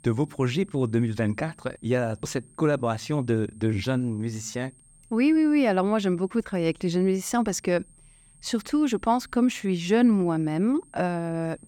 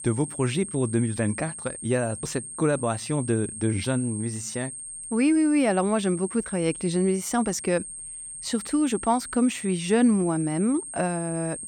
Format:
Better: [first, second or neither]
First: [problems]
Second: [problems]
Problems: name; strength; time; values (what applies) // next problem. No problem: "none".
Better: first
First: high-pitched whine; faint; throughout; 8.5 kHz, 30 dB below the speech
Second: high-pitched whine; loud; throughout; 8.5 kHz, 9 dB below the speech